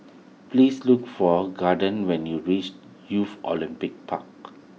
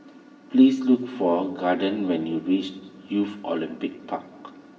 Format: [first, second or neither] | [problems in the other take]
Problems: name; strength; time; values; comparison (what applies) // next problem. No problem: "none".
first | room echo; dies away in 2.5 s